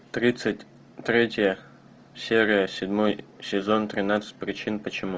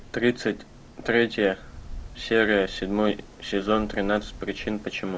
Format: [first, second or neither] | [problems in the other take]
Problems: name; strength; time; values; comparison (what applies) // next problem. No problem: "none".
first | background sound (Wind); 16 dB below the speech